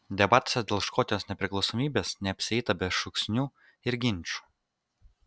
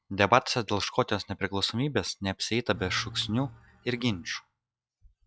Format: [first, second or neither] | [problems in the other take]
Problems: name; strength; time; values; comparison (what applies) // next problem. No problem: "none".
first | noise reduction (classical method log-MMSE)